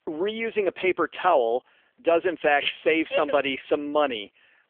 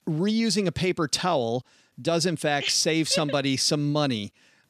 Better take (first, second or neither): second